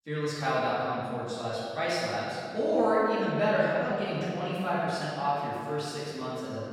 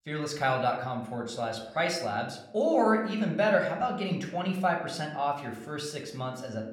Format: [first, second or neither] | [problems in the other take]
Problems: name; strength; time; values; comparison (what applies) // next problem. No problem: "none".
second | room echo; strong; dies away in 2.1 s; slight in the second // off-mic speech; far; somewhat distant in the second